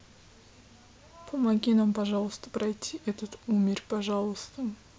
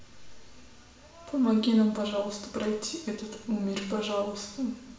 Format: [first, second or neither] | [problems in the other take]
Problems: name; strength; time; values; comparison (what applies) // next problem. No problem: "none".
first | room echo; dies away in 0.7 s